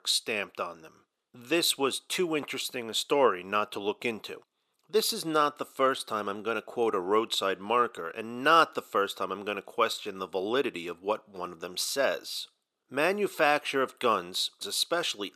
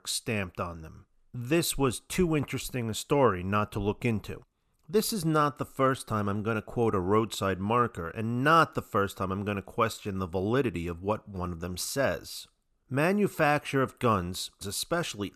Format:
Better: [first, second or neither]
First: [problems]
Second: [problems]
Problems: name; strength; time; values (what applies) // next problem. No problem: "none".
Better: second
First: thin; somewhat; fading below 400 Hz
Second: none